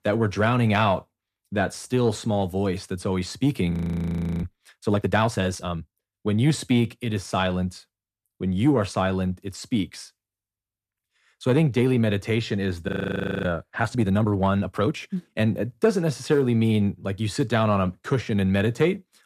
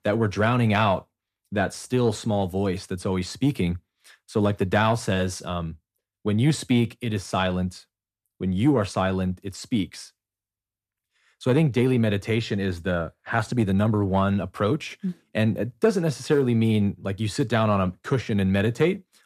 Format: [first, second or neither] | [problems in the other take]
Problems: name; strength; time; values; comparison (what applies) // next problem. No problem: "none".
second | audio freezing; at 3.5 s for 0.5 s and at 13 s for 0.5 s